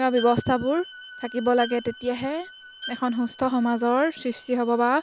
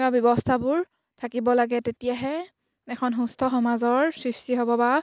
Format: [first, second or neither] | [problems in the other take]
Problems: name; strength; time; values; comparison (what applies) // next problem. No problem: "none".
second | background sound (Bowed string instrument + Bowed string instrument); 18 dB below the speech